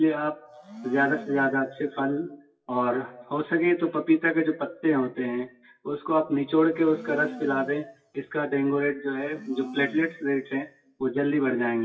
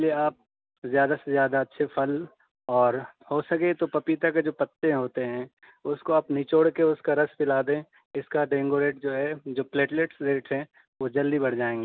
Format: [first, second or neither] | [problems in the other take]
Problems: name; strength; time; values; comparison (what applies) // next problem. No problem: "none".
second | noise reduction (classical method WPE with log-MMSE)